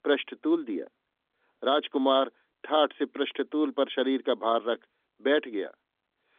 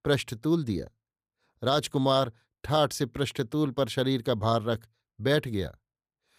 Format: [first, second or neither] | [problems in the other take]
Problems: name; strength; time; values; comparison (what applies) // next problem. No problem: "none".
second | phone-call audio; nothing above 3.5 kHz